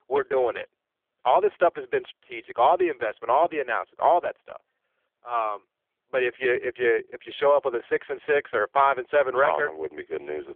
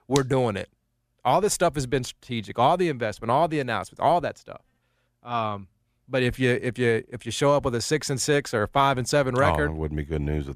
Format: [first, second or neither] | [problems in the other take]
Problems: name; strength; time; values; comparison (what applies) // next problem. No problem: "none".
second | phone-call audio; poor line; nothing above 3.5 kHz